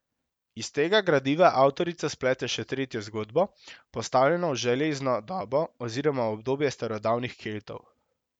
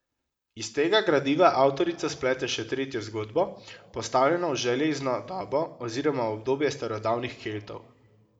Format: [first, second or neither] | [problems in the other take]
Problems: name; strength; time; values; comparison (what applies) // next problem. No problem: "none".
first | room echo; dies away in 1.4 s